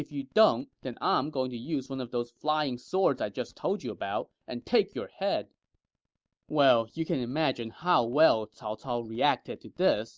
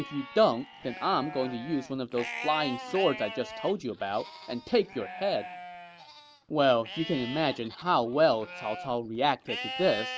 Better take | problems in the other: first | background sound (Livestock, farm animals, working animals); 12 dB below the speech

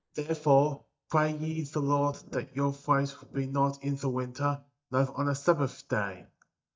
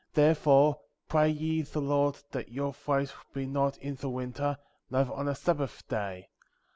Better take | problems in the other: second | noise reduction (neural mask model DeepFilterNet 3)

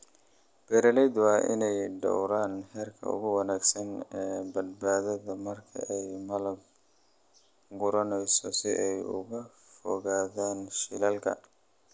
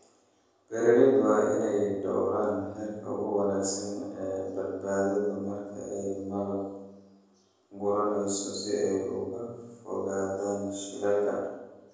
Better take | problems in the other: first | room echo; dies away in 1.3 s

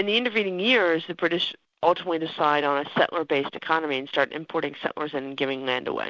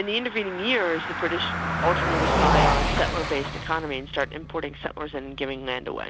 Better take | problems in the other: first | background sound (Car passing by); 1 dB above the speech

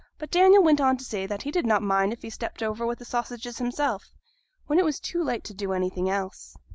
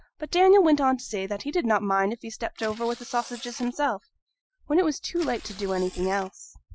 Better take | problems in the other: first | noise reduction (classical method Wiener filter)

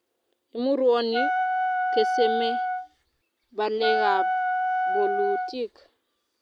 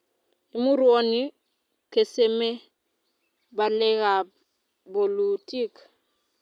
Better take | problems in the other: second | background sound (Wind instrument, woodwind instrument); 2 dB above the speech

